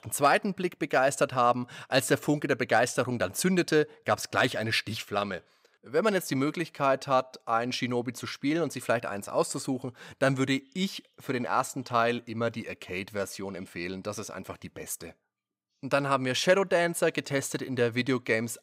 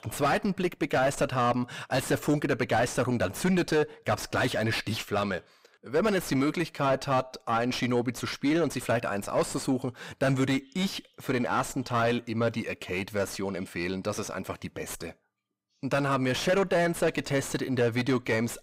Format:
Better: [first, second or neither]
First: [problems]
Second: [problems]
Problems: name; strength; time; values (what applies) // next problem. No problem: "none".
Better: first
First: none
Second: distortion; heavy; 7 dB below the speech